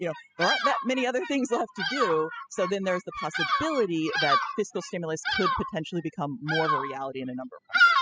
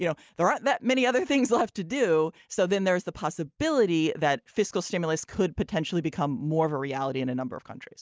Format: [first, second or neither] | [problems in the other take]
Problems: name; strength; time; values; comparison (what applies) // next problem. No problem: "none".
second | noise reduction (classical method spectral subtraction)